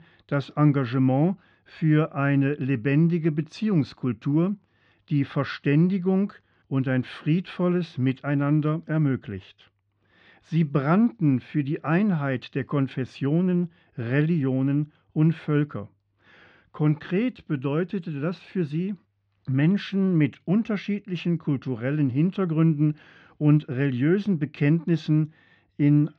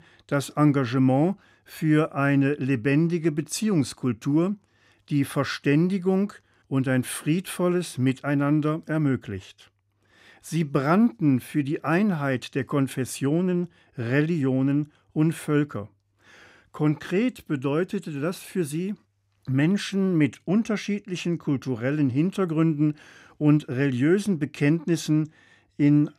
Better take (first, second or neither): second